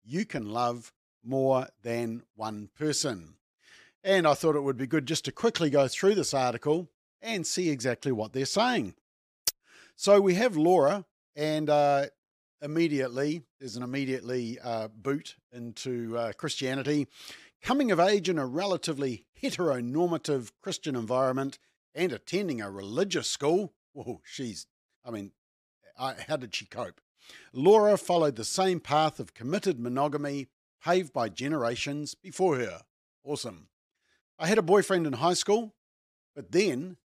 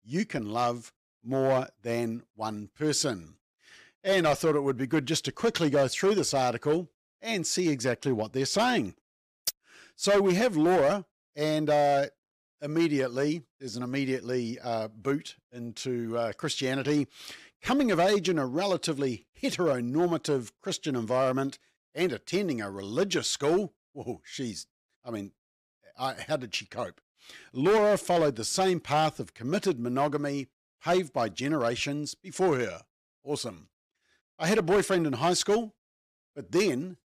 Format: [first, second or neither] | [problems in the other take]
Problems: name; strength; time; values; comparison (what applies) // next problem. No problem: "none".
first | distortion; slight; 4% of the sound clipped